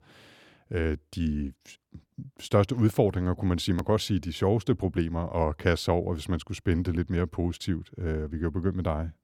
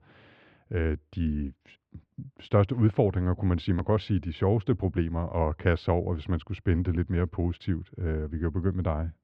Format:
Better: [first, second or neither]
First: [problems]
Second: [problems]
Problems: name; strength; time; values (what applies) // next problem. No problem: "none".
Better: first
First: none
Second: muffled; slightly; fading above 3 kHz